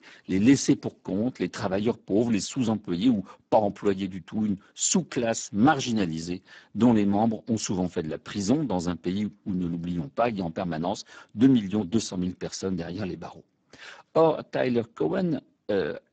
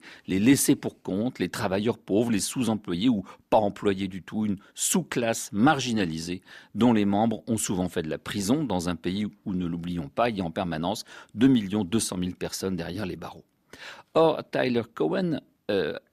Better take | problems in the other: second | garbled, watery; badly; nothing above 7.5 kHz

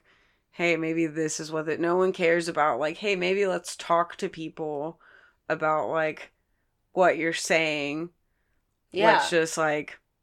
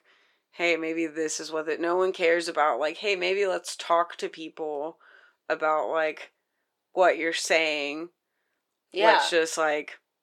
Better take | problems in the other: first | thin; somewhat; fading below 400 Hz

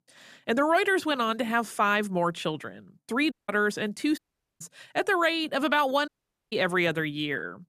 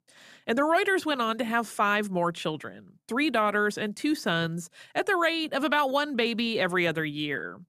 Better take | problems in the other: second | audio cutting out; at 3.5 s, at 4 s and at 6 s

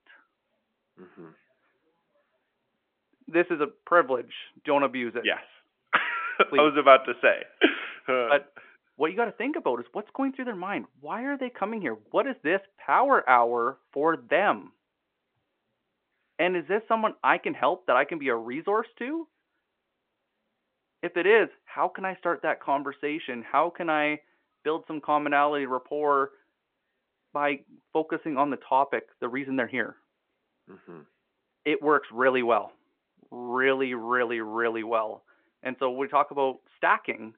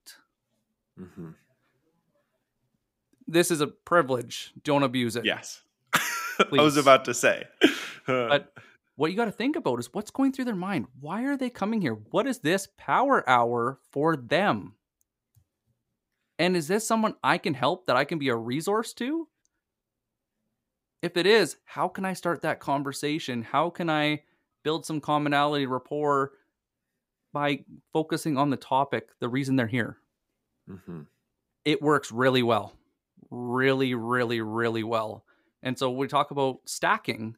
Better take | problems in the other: second | phone-call audio; nothing above 3.5 kHz

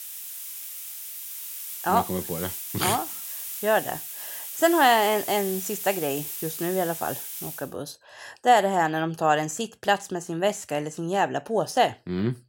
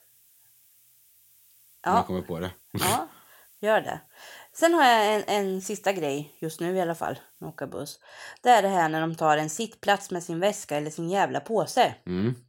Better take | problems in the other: second | hiss; loud; until 7.5 s; 8 dB below the speech; faint in the second

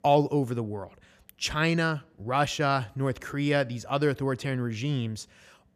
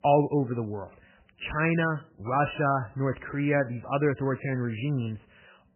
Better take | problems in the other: first | garbled, watery; badly; nothing above 3 kHz

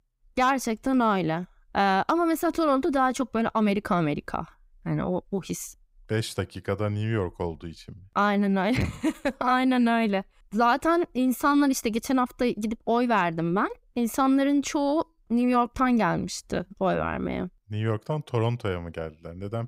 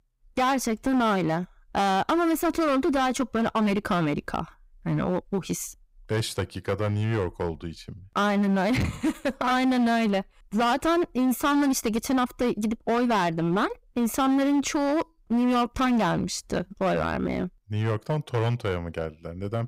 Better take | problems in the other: first | distortion; slight; 15% of the sound clipped

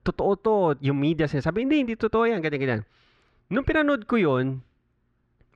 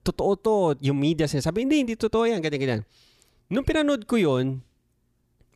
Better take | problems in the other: second | muffled; slightly; fading above 2.5 kHz

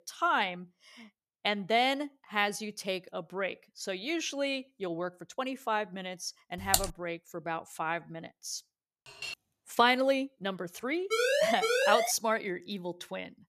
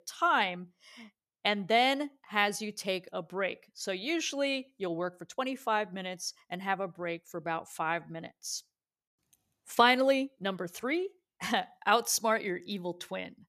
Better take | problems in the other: second | keyboard typing; loud; at 6.5 s; peak 3 dB above the speech // clattering dishes; noticeable; at 9 s; peak 8 dB below the speech // siren; loud; from 11 to 12 s; peak 6 dB above the speech

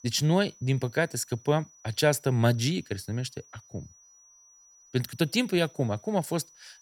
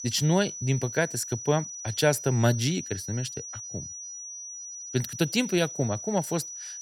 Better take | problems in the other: first | high-pitched whine; loud; throughout; 6 kHz, 9 dB below the speech; faint in the first

